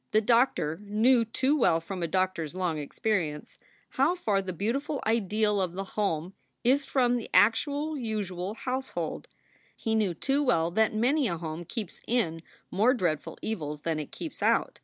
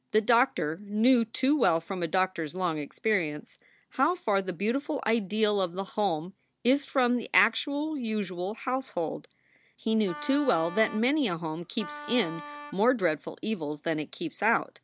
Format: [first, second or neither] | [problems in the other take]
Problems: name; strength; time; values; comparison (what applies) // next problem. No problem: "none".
first | background sound (Wind instrument, woodwind instrument); 13 dB below the speech